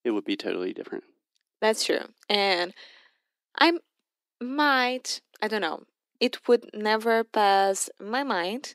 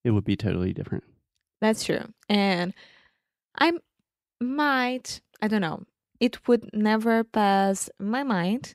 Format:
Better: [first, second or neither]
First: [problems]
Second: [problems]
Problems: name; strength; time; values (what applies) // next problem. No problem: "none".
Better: second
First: thin; somewhat; fading below 300 Hz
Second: none